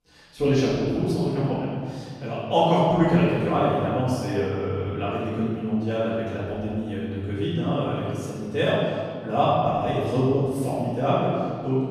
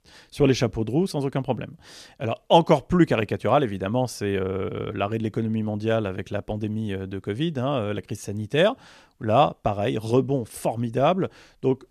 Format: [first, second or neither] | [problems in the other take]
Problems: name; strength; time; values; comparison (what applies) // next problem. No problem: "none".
second | off-mic speech; far // room echo; strong; dies away in 1.8 s